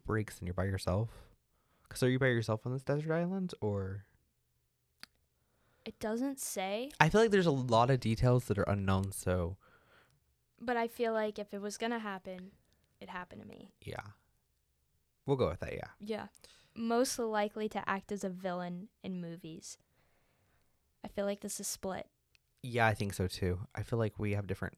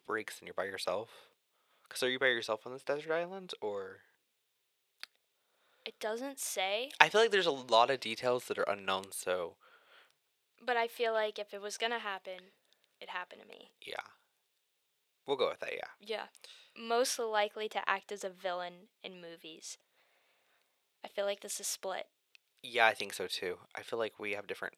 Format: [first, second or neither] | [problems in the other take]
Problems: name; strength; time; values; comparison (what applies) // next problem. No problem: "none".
first | thin; very; fading below 500 Hz